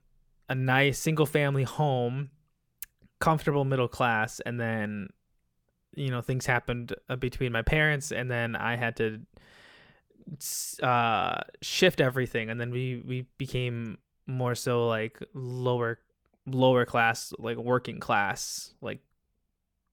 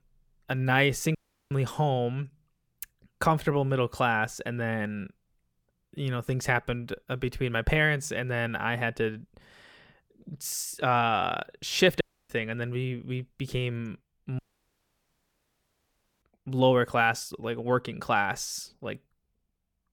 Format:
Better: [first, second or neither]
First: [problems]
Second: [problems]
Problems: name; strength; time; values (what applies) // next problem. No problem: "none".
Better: first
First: none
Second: audio cutting out; at 1 s, at 12 s and at 14 s for 2 s